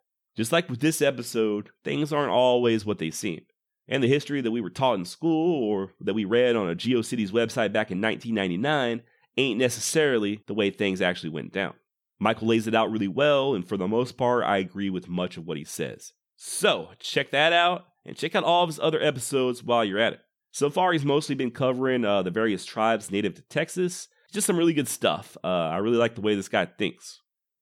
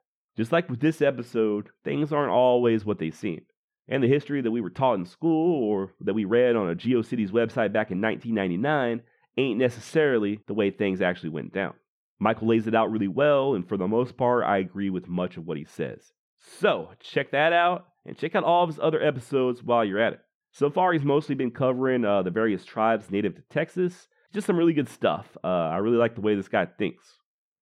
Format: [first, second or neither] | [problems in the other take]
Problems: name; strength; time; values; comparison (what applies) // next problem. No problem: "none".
first | muffled; very; fading above 3.5 kHz